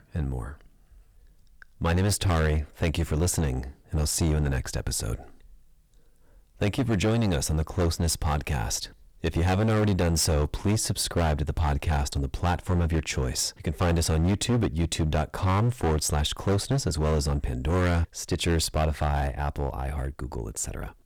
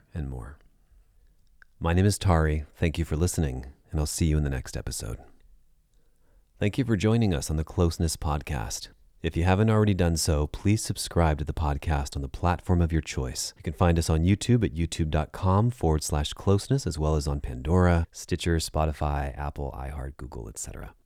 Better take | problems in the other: second | distortion; heavy; 14% of the sound clipped

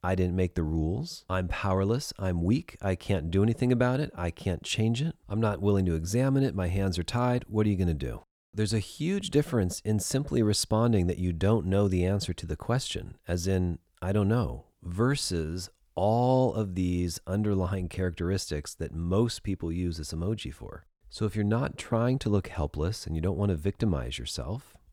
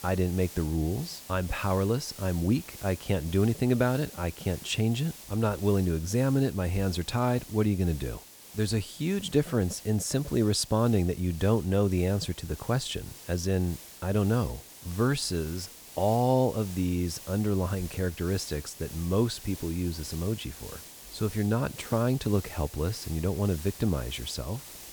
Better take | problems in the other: first | hiss; noticeable; throughout; 15 dB below the speech

